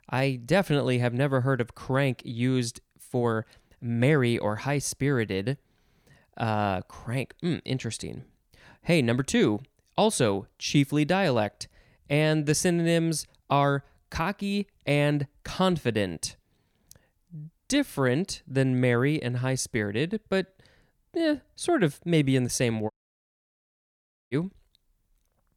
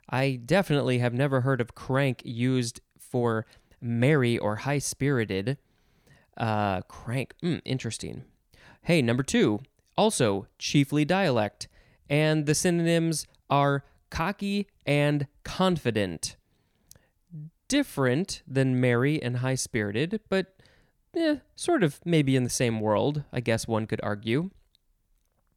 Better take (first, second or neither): second